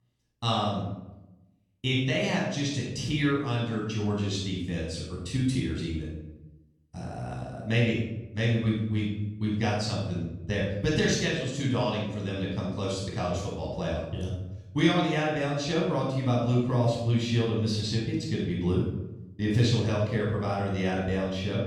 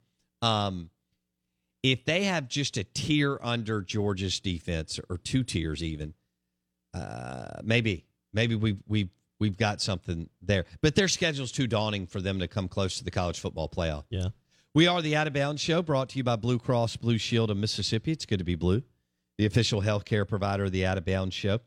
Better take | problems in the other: second | off-mic speech; far // room echo; noticeable; dies away in 0.8 s

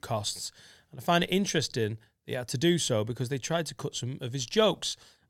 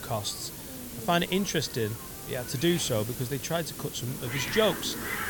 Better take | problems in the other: first | hiss; loud; throughout; 6 dB below the speech

